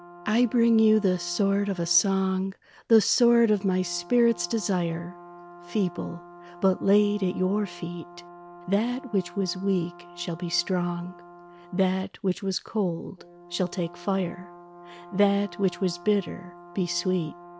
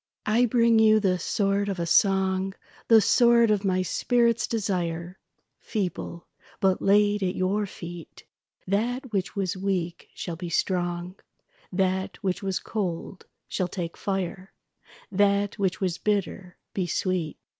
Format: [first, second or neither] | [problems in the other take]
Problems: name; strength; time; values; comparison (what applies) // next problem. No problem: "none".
second | background sound (Brass instrument); 20 dB below the speech